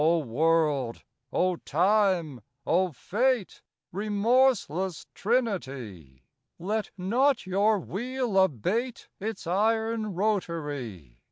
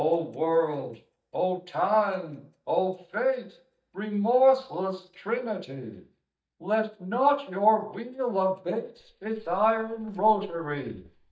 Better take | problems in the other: first | noise reduction (neural mask model DeepFilterNet 3)

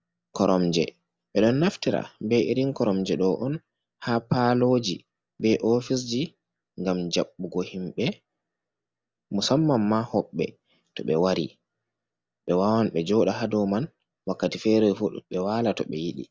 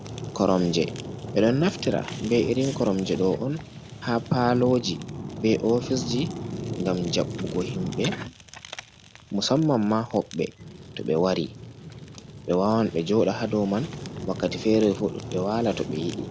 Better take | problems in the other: first | background sound (Fire); 10 dB below the speech

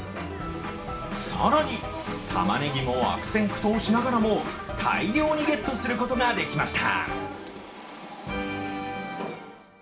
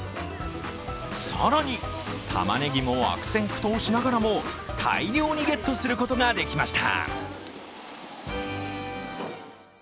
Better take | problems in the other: second | room echo; dies away in 0.8 s

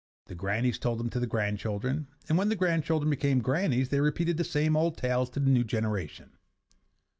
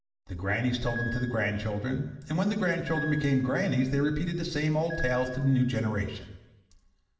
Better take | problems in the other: first | background sound (Piano); 14 dB below the speech // room echo; dies away in 0.9 s

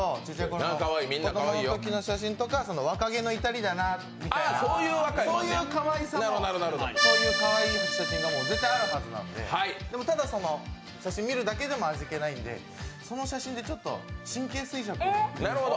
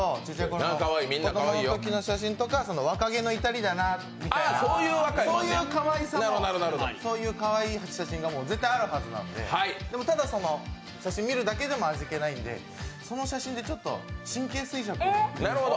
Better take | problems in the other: second | background sound (Accordion); 3 dB above the speech

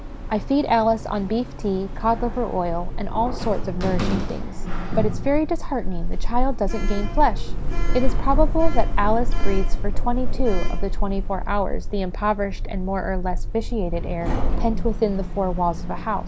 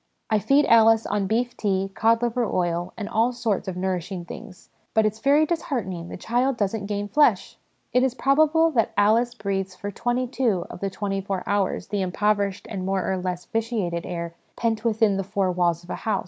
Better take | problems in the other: second | background sound (Sliding door); 5 dB above the speech

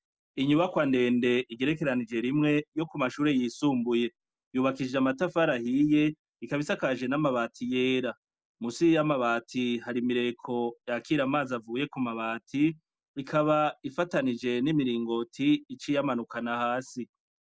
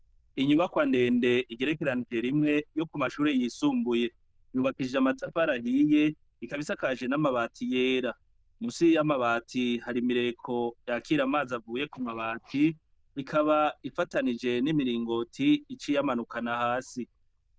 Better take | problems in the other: first | noise reduction (neural diffusion model UNIVERSE++)

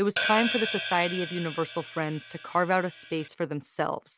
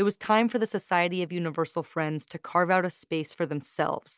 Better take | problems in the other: second | background sound (Hi-hat); 6 dB below the speech

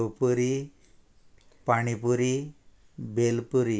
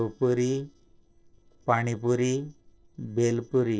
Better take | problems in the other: first | noise reduction (neural separator model SepFormer DNS4)

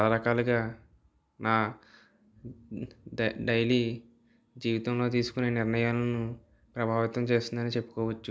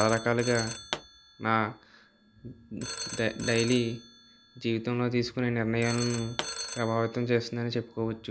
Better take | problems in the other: first | background sound (Telephone + Explosion); 9 dB below the speech

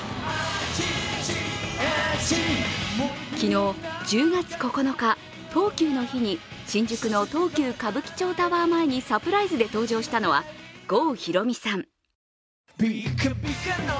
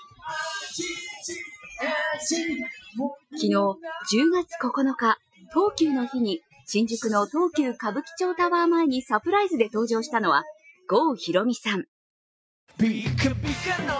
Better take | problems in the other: first | noise reduction (classical method Wiener filter)

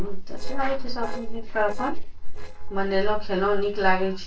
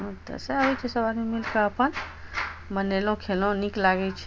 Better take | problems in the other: second | noise reduction (neural separator model SepFormer DNS4)

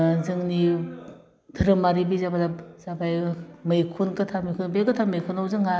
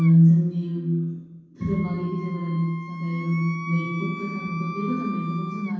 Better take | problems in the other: first | background sound (Wind instrument, woodwind instrument); 15 dB below the speech // room echo; dies away in 1.2 s

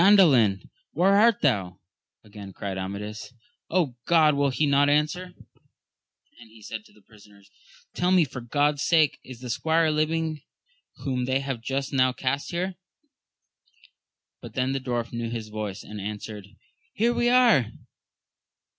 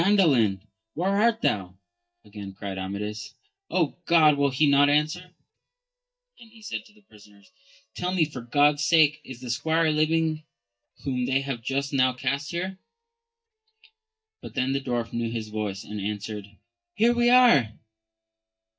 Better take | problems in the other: first | noise reduction (neural mask model DeepFilterNet 3)

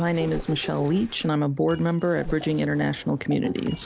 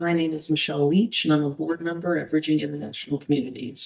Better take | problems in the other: first | noise reduction (neural mask model DeepFilterNet 3)

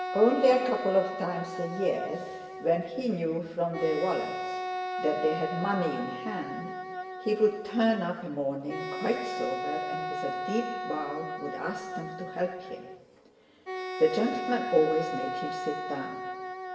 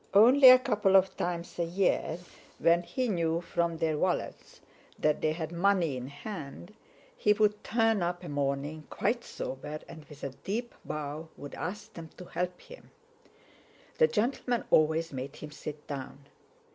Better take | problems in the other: second | background sound (Wind instrument, woodwind instrument); 6 dB below the speech // room echo; dies away in 1.2 s

